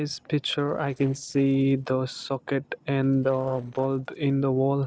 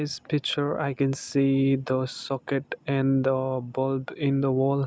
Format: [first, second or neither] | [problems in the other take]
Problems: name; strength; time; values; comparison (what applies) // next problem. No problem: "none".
second | noise reduction (neural separator model SepFormer DNS4)